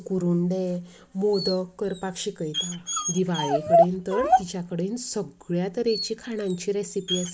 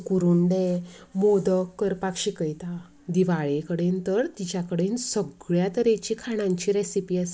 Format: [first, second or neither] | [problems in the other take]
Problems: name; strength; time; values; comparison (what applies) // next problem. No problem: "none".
second | background sound (Dog); 1 dB below the speech